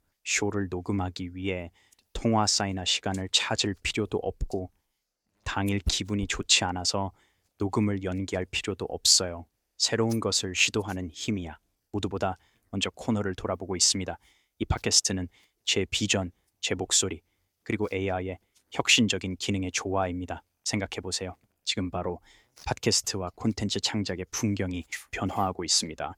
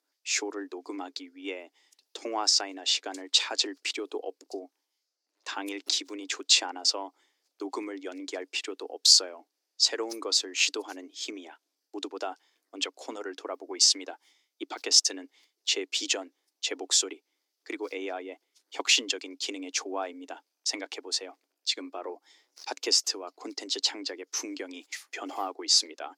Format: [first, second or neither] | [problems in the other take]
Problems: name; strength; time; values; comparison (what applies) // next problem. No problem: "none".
first | thin; somewhat; fading below 300 Hz